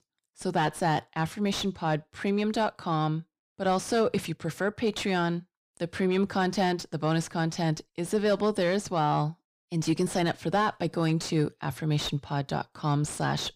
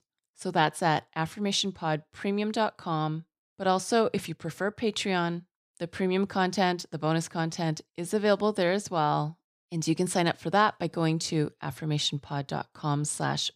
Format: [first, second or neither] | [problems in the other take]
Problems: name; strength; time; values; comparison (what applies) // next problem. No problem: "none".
second | distortion; slight; 10 dB below the speech